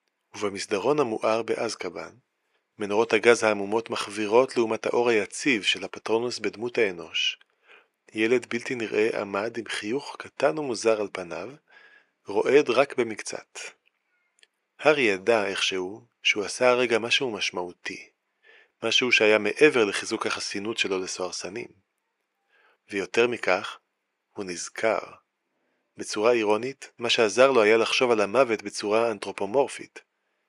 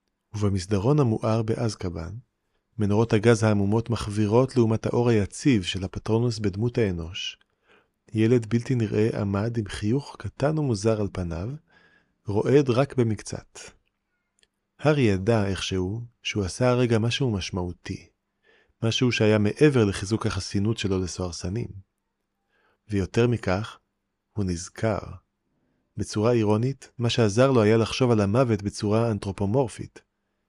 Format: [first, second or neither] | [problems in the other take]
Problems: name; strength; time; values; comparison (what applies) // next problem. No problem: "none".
second | thin; very; fading below 500 Hz